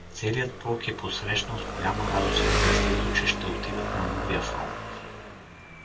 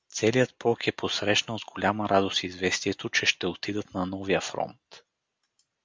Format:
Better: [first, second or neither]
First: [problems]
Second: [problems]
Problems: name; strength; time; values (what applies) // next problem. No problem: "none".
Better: second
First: background sound (Engine); 2 dB above the speech // room echo; dies away in 0.2 s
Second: none